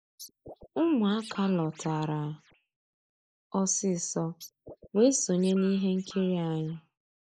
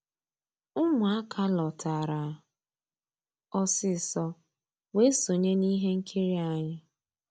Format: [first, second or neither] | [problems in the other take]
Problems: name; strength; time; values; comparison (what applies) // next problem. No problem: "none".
second | noise reduction (neural mask model Resemble Enhance denoiser)